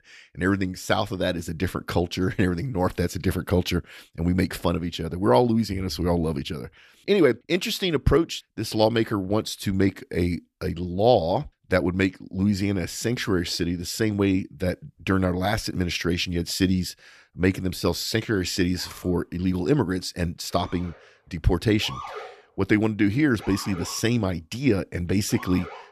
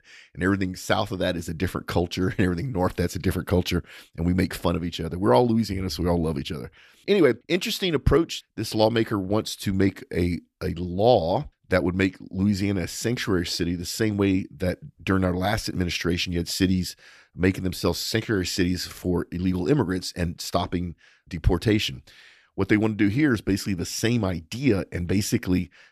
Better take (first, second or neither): second